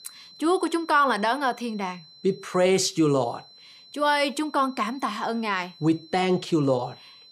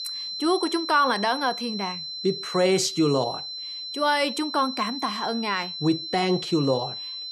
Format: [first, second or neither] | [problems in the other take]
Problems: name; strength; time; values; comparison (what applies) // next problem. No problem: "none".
first | high-pitched whine; loud; throughout; 4 kHz, 7 dB below the speech; faint in the first